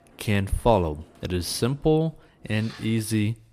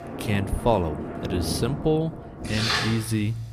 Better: first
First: rain or running water; faint; throughout; 25 dB below the speech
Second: rain or running water; loud; throughout; 3 dB below the speech

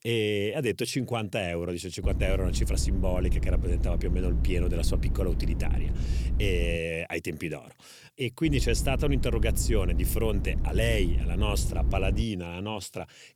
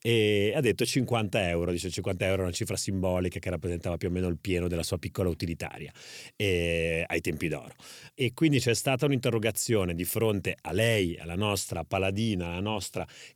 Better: second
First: low rumble; noticeable; from 2 to 7 s and from 8.5 to 12 s; 10 dB below the speech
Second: none

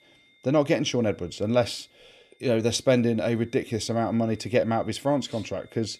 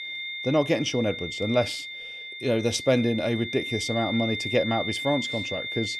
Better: first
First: high-pitched whine; faint; throughout; 2 kHz, 30 dB below the speech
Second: high-pitched whine; loud; throughout; 2 kHz, 6 dB below the speech

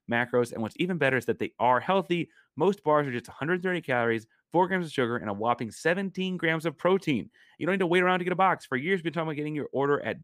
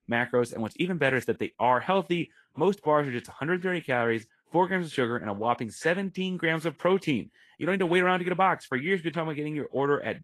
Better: first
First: none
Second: garbled, watery; slightly; nothing above 13 kHz

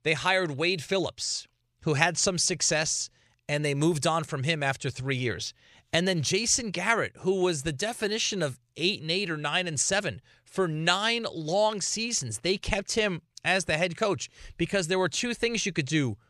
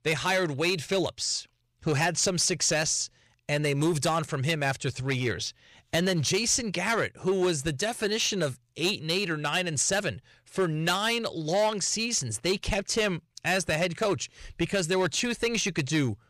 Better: first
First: none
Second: distortion; slight; 6% of the sound clipped

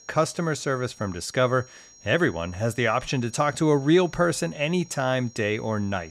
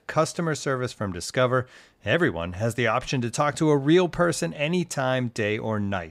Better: second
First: high-pitched whine; faint; throughout; 5.5 kHz, 25 dB below the speech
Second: none

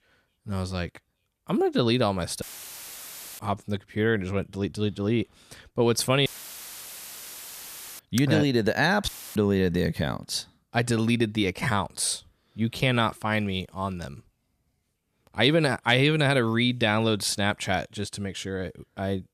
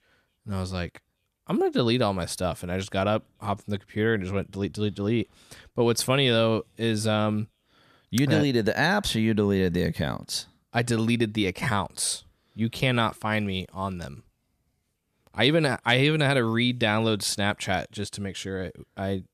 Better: second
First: audio cutting out; filled with static; at 2.5 s for 1 s, at 6.5 s for 1.5 s and at 9 s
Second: none

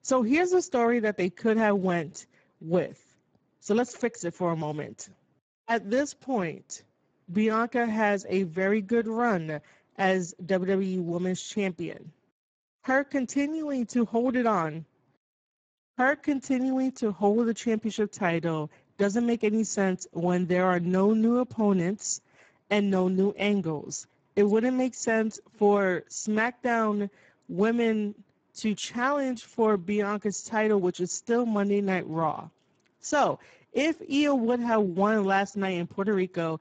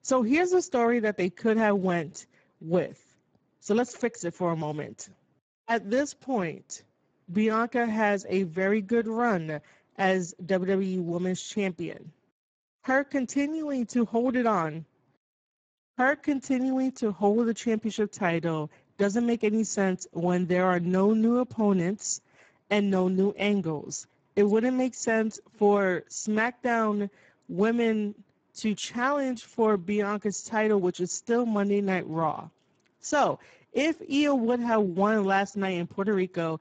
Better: neither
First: garbled, watery; badly; nothing above 7.5 kHz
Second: garbled, watery; badly; nothing above 7.5 kHz

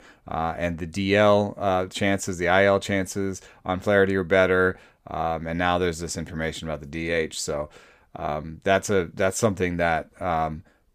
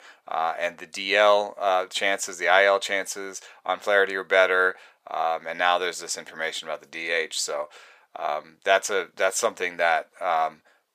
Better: first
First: none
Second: thin; very; fading below 700 Hz

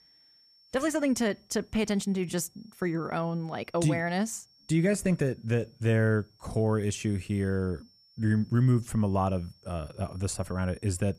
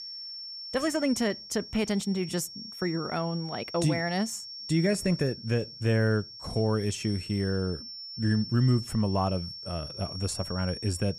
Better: first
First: high-pitched whine; faint; throughout; 5.5 kHz, 30 dB below the speech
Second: high-pitched whine; loud; throughout; 5.5 kHz, 10 dB below the speech

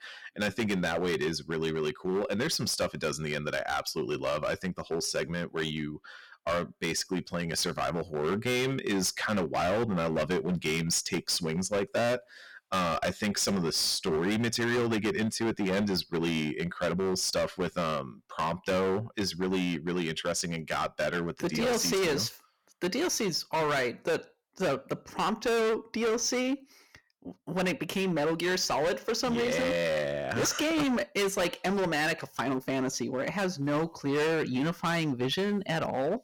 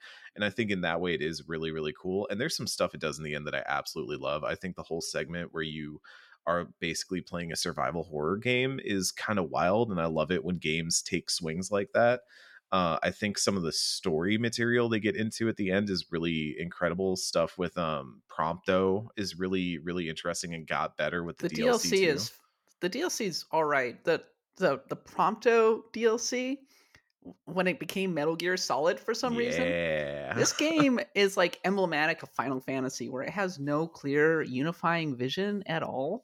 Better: second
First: distortion; heavy; 18% of the sound clipped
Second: none

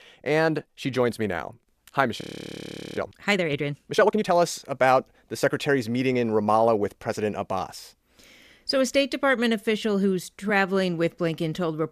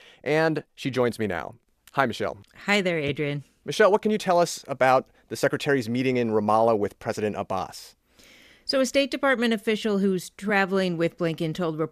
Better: second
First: audio freezing; at 2 s for 1 s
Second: none

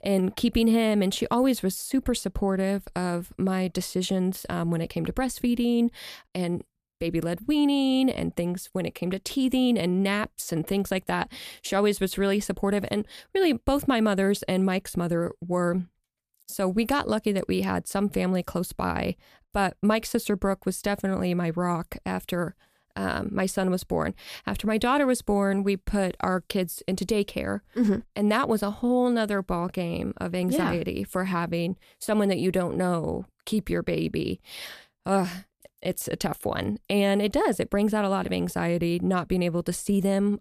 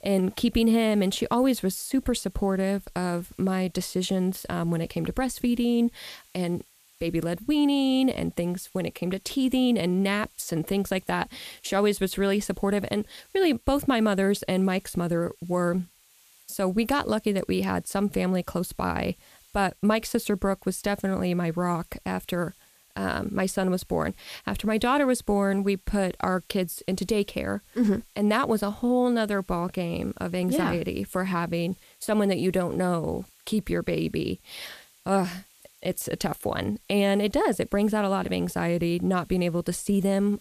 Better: first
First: none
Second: hiss; faint; throughout; 30 dB below the speech

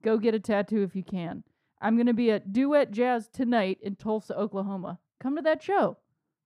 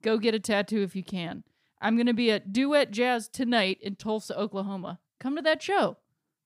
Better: second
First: muffled; slightly; fading above 2 kHz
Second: none

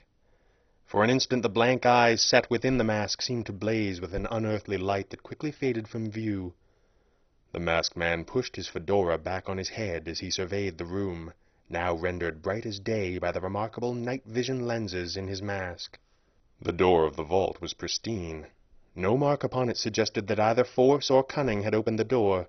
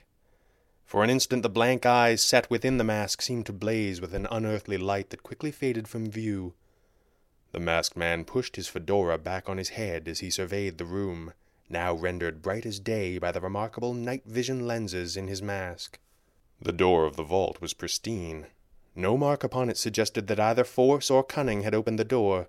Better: second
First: garbled, watery; badly; nothing above 6 kHz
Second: none

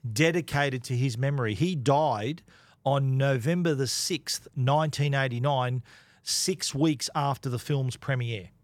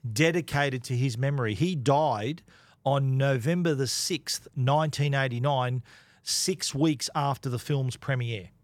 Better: neither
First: none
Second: none

